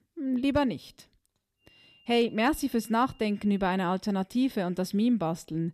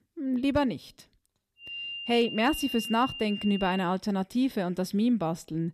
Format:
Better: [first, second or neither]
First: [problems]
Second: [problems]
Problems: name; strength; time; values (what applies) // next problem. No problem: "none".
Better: first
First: high-pitched whine; faint; from 1.5 to 4 s; 3 kHz, 30 dB below the speech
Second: high-pitched whine; loud; from 1.5 to 4 s; 3 kHz, 8 dB below the speech